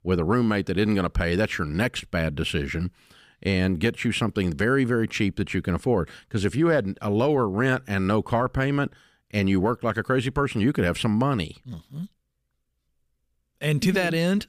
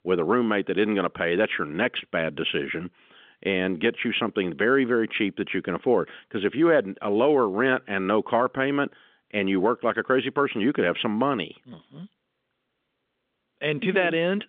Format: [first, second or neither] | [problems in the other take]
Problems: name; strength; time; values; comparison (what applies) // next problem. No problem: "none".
first | phone-call audio; nothing above 3.5 kHz